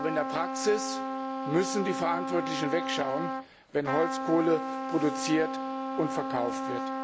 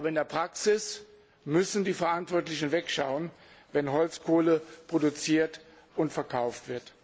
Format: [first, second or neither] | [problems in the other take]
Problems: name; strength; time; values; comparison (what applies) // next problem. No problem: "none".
second | background sound (Trumpet); 3 dB below the speech